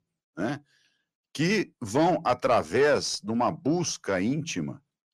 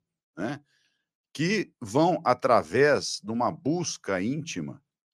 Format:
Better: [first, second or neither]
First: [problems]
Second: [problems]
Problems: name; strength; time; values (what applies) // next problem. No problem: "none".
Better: second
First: distortion; slight; 10 dB below the speech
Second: none